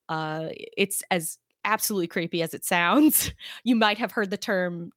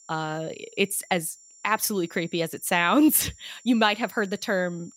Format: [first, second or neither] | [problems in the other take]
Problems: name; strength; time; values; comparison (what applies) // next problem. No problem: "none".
first | high-pitched whine; faint; throughout; 7 kHz, 25 dB below the speech